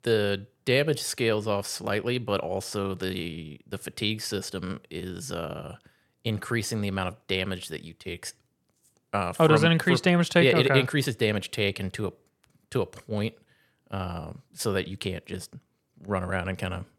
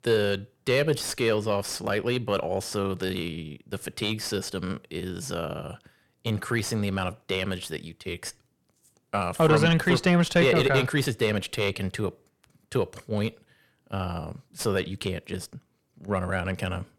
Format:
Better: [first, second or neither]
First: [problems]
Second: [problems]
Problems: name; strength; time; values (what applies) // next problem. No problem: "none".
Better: first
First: none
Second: distortion; slight; 10 dB below the speech